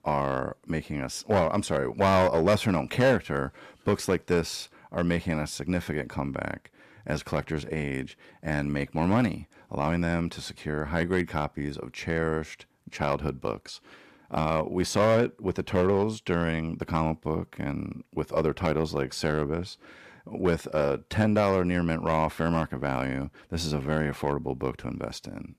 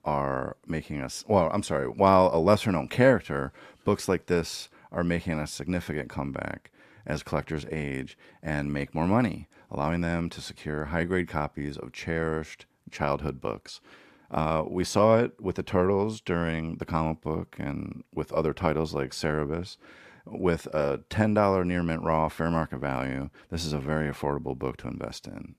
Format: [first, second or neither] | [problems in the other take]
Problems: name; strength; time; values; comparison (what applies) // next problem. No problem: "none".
second | distortion; slight; 2% of the sound clipped